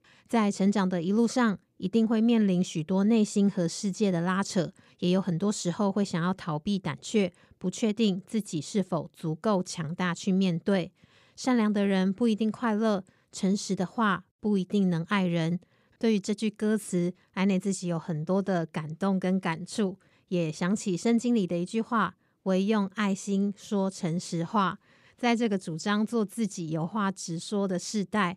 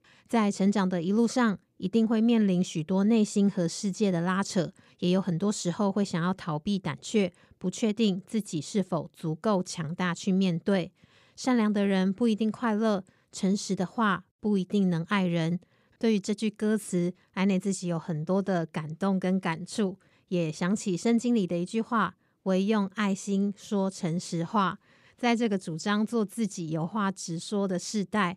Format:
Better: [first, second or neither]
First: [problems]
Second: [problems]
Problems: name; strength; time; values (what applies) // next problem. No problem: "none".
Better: neither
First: none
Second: none